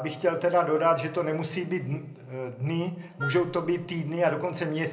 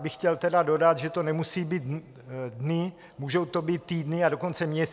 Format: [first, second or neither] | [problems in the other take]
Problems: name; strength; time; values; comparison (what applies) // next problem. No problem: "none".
second | background sound (Wind instrument, woodwind instrument); 12 dB below the speech // room echo; dies away in 0.4 s